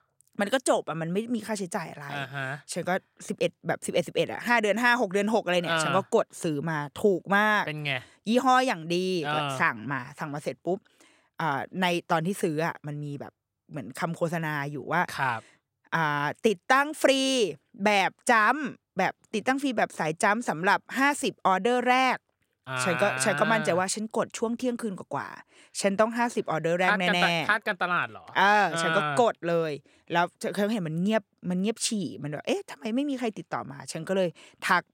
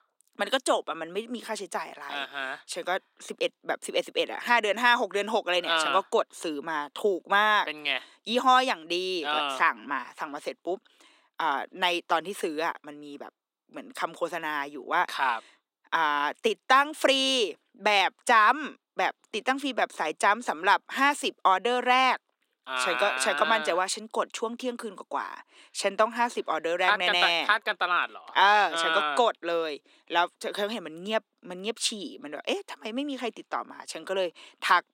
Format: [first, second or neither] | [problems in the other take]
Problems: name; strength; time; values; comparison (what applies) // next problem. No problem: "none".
first | thin; somewhat; fading below 250 Hz